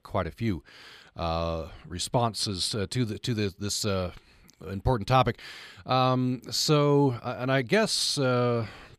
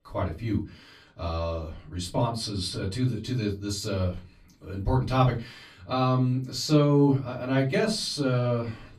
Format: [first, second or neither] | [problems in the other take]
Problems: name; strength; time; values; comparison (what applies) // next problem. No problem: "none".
first | off-mic speech; far // room echo; very slight; dies away in 0.3 s